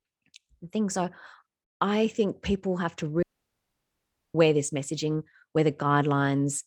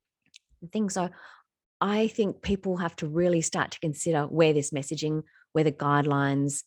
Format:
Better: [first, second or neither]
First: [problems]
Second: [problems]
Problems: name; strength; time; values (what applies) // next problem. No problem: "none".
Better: second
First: audio cutting out; at 3 s for 1 s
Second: none